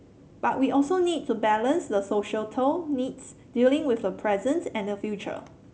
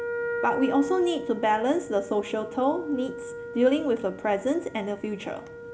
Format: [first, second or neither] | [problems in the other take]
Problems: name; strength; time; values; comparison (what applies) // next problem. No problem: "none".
first | background sound (Wind instrument, woodwind instrument); 9 dB below the speech